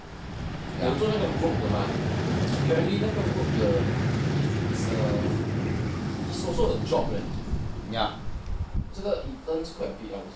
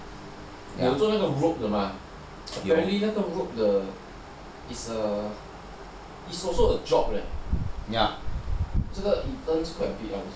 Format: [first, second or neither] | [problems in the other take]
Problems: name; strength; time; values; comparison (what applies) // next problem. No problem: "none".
second | background sound (Vehicle); 2 dB above the speech